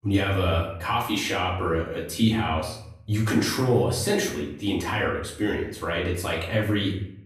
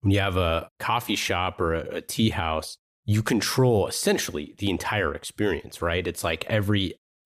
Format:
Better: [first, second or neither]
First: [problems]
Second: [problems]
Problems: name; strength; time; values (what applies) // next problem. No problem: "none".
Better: second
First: off-mic speech; far // room echo; slight; dies away in 0.6 s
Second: none